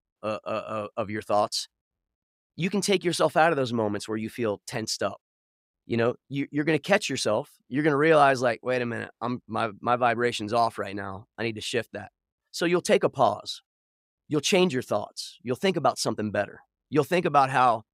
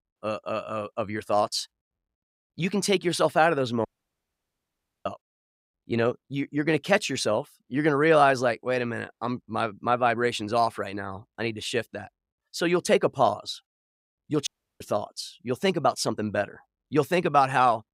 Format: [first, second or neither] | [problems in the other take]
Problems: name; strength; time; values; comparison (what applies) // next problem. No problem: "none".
first | audio cutting out; at 4 s for 1 s and at 14 s